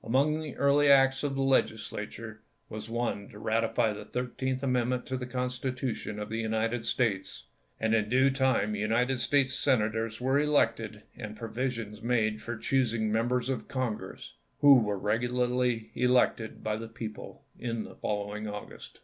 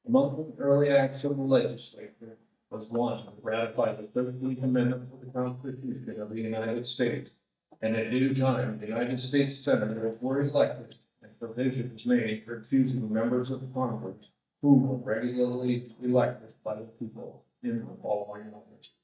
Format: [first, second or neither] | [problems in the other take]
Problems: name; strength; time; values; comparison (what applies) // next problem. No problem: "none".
first | noise reduction (neural mask model DeepFilterNet 3)